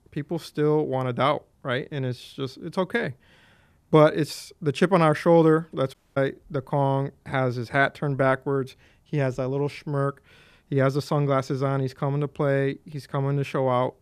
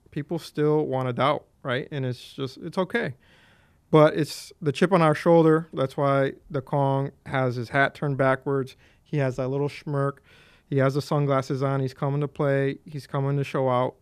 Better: second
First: audio cutting out; at 6 s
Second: none

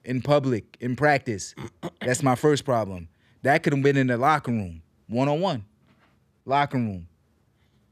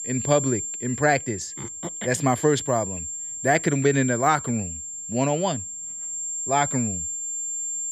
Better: first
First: none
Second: high-pitched whine; loud; throughout; 7.5 kHz, 5 dB below the speech

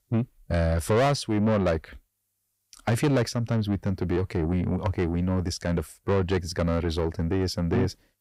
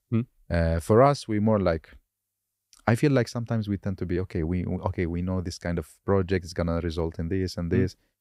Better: second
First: distortion; heavy; 7 dB below the speech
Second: none

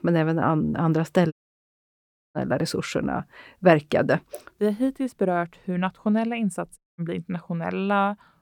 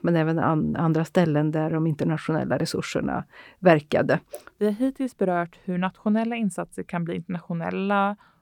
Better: second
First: audio cutting out; at 1.5 s for 1 s and at 7 s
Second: none

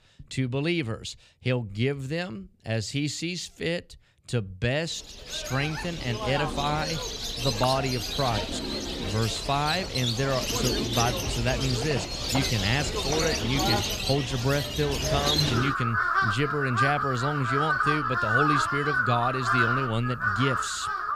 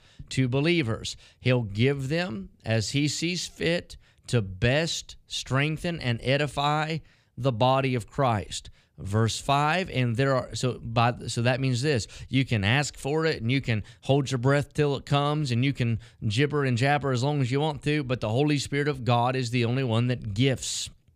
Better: second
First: animal sounds; very loud; from 5.5 s on; 1 dB above the speech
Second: none

